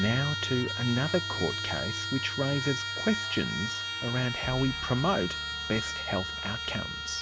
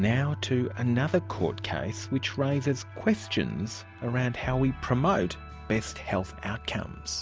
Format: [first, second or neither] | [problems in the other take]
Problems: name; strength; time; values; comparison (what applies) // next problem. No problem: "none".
second | background sound (Trumpet); 4 dB below the speech